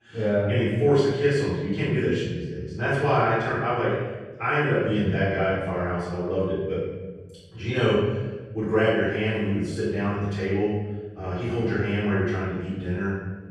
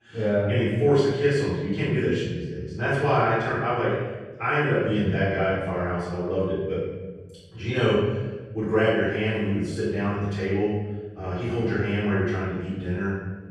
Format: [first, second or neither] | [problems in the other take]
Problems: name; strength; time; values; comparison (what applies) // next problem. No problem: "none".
neither | off-mic speech; far; the same in both // room echo; strong; dies away in 1.4 s; the same in both